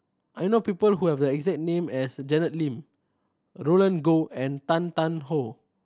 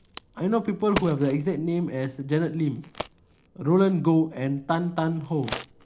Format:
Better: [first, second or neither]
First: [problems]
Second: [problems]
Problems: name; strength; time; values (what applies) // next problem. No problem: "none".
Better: first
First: none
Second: background sound (Crack); 15 dB below the speech // room echo; dies away in 0.4 s